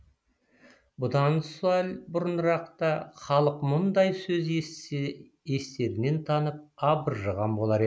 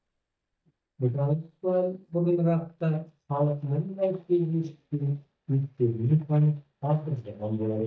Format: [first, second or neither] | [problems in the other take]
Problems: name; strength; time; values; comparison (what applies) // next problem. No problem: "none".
first | noise reduction (neural mask model DeepFilterNet 3)